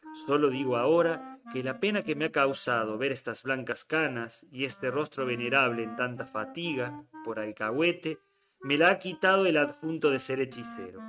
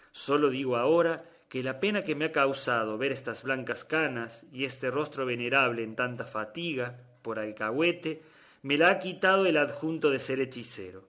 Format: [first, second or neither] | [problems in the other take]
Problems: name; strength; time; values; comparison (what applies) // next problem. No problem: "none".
second | noise reduction (neural mask model RNNoise)